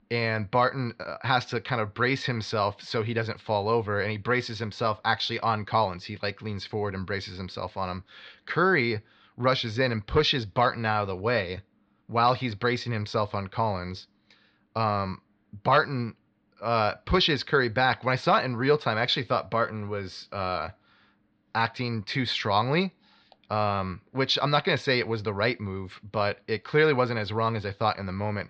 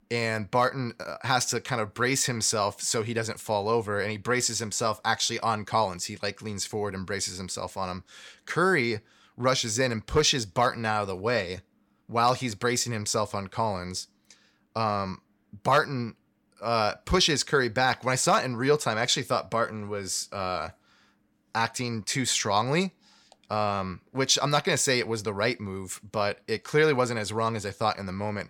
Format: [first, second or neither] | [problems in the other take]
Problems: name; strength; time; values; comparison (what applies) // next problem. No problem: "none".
second | muffled; very slightly; fading above 4 kHz